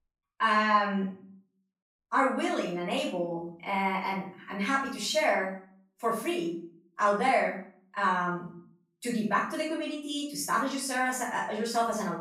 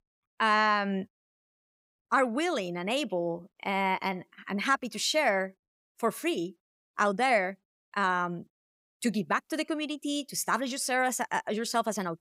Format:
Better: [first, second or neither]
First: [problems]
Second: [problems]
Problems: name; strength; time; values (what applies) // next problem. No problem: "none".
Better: second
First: off-mic speech; far // room echo; noticeable; dies away in 0.5 s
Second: none